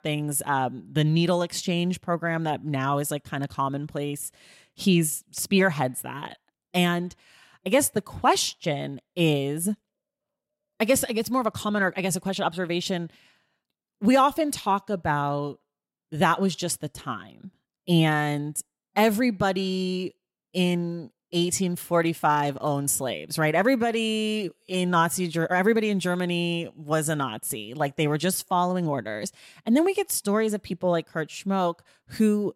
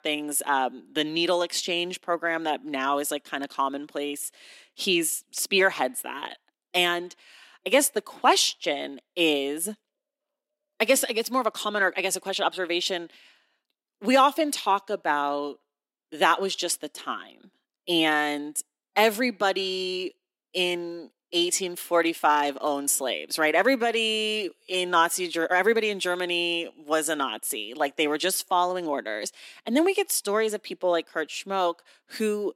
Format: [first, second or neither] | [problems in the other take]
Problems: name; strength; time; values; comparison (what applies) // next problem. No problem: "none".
first | thin; somewhat; fading below 250 Hz